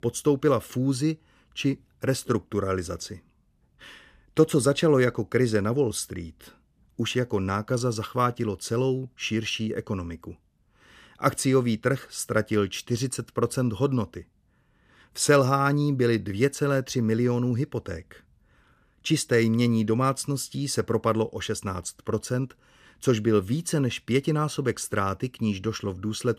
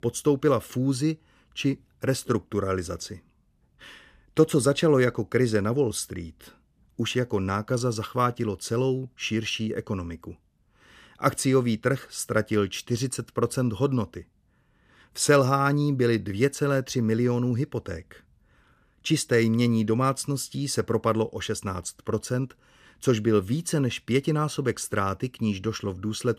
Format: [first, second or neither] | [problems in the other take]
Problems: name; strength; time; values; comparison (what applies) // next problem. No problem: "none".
neither | none